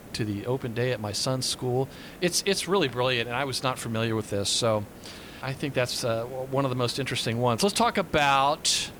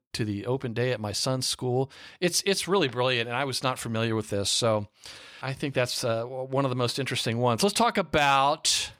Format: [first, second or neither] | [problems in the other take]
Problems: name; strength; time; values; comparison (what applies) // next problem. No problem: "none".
second | hiss; noticeable; throughout; 20 dB below the speech